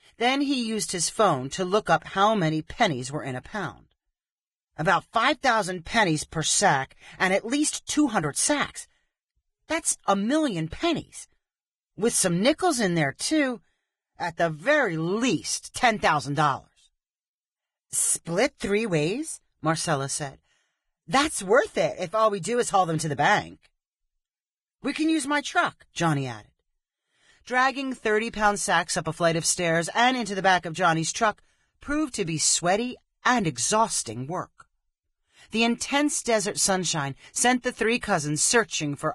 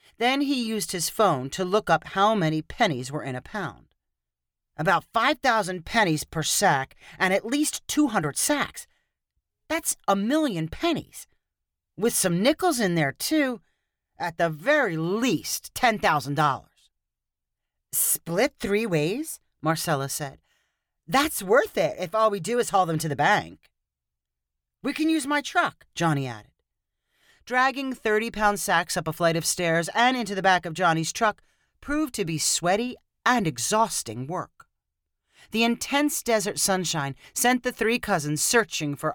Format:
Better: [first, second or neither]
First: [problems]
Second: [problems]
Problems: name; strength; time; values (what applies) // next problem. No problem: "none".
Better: second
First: garbled, watery; badly; nothing above 10.5 kHz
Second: none